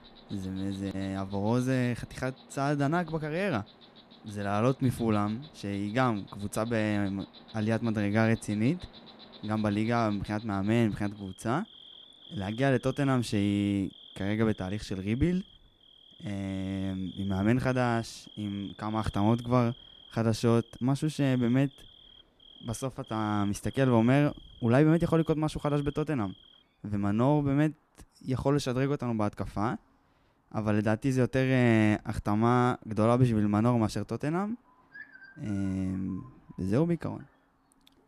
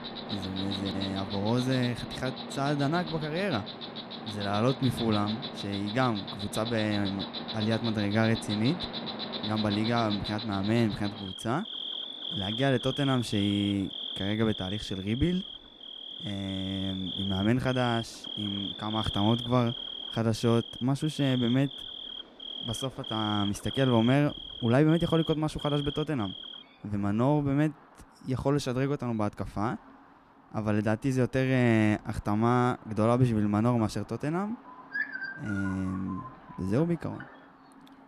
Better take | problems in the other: first | animal sounds; loud; throughout; 7 dB below the speech; faint in the first

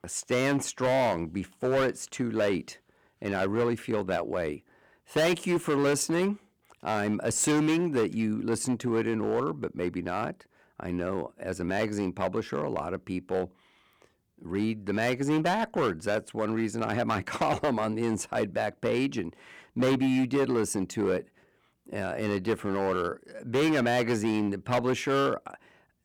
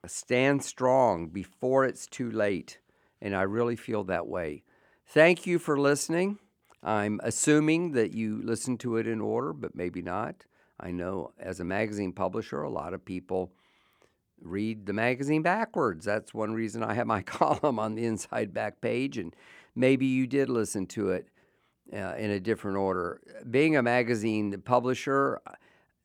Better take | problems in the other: second | distortion; heavy; 8% of the sound clipped

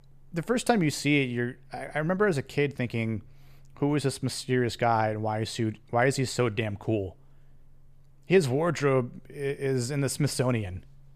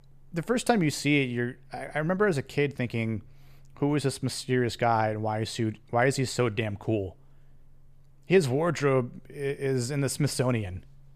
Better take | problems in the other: neither | none

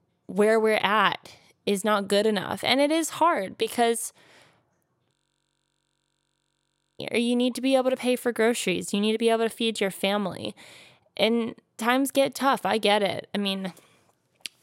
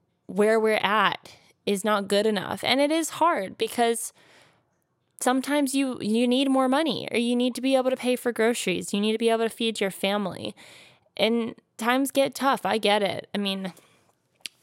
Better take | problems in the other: second | audio freezing; at 5 s for 2 s

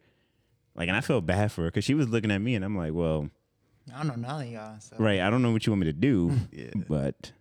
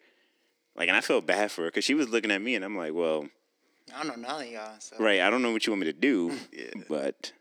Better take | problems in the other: first | thin; somewhat; fading below 250 Hz

